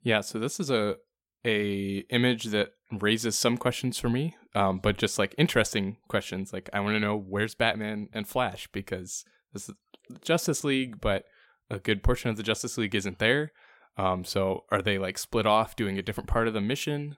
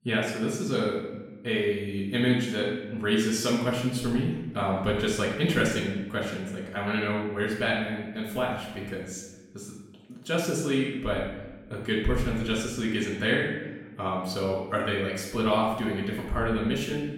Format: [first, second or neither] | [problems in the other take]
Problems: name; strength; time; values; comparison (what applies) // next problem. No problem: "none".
first | off-mic speech; far // room echo; noticeable; dies away in 1 s